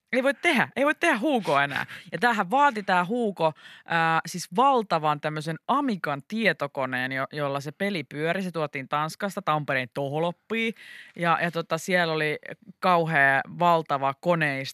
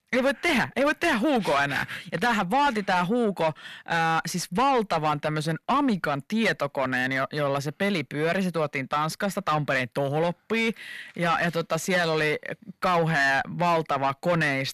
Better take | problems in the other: first | distortion; heavy; 7 dB below the speech

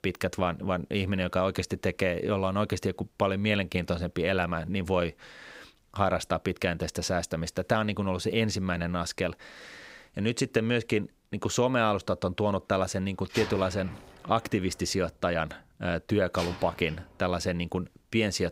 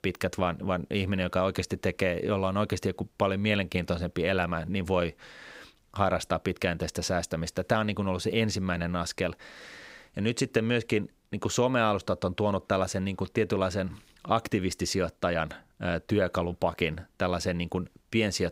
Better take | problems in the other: second | door banging; noticeable; from 13 to 17 s; peak 7 dB below the speech

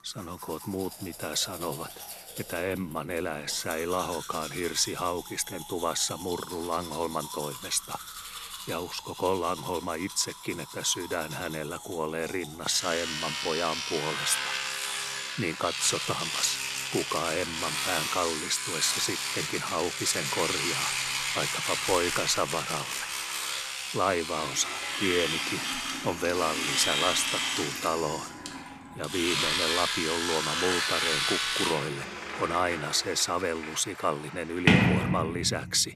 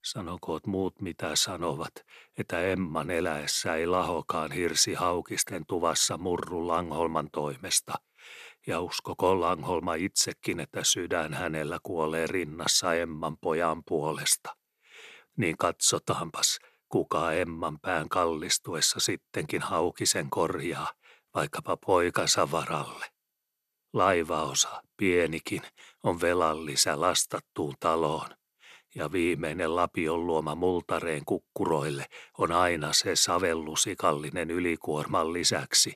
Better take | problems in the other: second | household noises; very loud; throughout; as loud as the speech

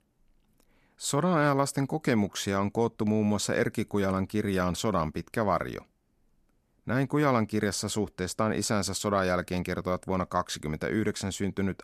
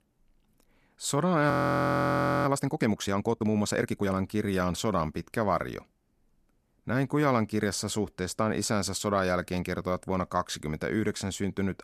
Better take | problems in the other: first | audio freezing; at 1.5 s for 1 s

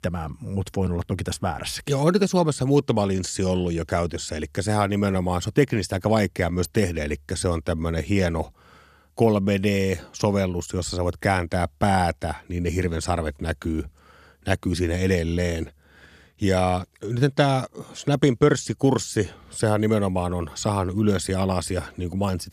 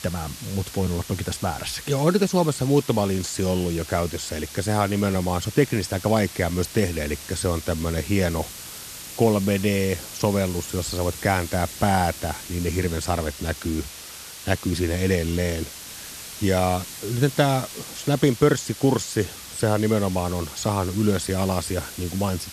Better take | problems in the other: first | hiss; noticeable; throughout; 10 dB below the speech

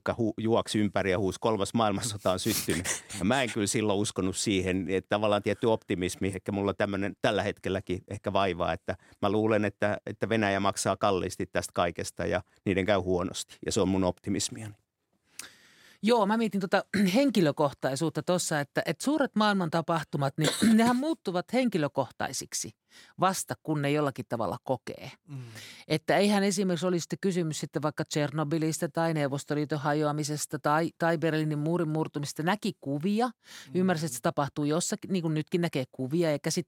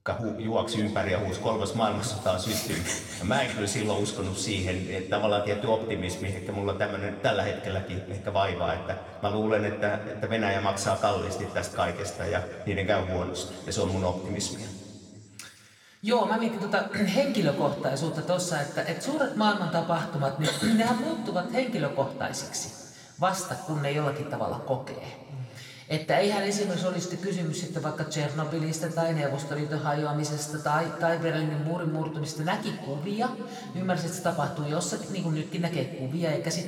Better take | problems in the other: first | room echo; noticeable; dies away in 2 s // off-mic speech; somewhat distant

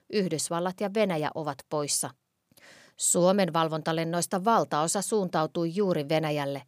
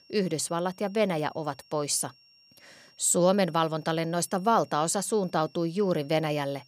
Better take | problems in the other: first | high-pitched whine; faint; throughout; 5.5 kHz, 30 dB below the speech

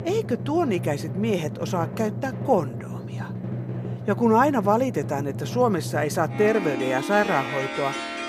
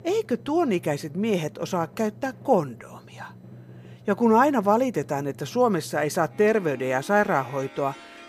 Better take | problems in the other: second | background music; loud; throughout; 7 dB below the speech; faint in the second

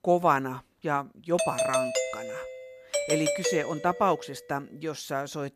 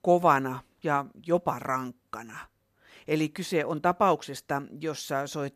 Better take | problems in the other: second | doorbell; loud; from 1.5 to 4 s; peak 2 dB above the speech

